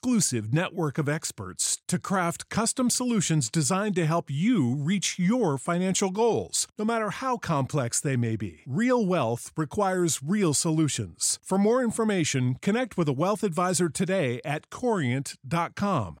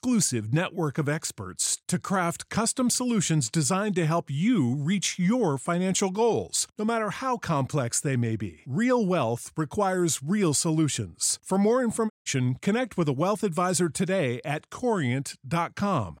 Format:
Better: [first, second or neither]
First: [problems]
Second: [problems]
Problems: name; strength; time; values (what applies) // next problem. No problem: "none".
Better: first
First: none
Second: audio cutting out; at 12 s